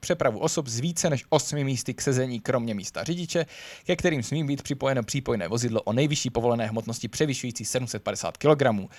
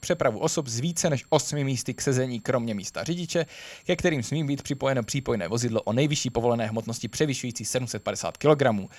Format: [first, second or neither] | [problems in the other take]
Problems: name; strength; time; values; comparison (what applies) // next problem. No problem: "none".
first | high-pitched whine; faint; throughout; 7.5 kHz, 35 dB below the speech